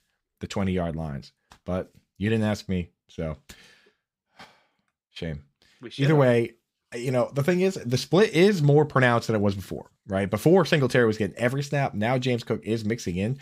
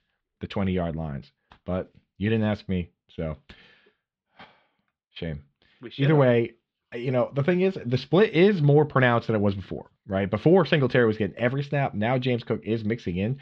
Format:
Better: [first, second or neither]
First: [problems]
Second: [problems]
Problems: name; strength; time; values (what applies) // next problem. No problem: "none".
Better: first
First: none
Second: muffled; slightly; fading above 3.5 kHz